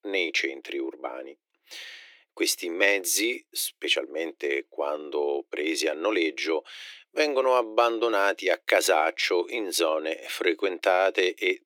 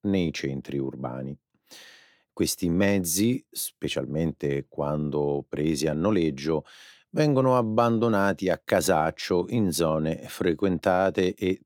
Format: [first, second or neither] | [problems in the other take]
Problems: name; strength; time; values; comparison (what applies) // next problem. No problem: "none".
second | thin; very; fading below 350 Hz